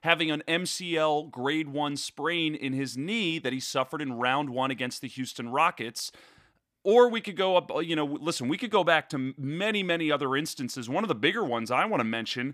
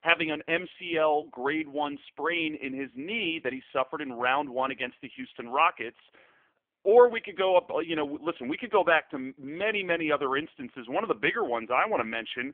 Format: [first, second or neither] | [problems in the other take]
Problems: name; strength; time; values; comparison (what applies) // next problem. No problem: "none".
first | phone-call audio; poor line; nothing above 3.5 kHz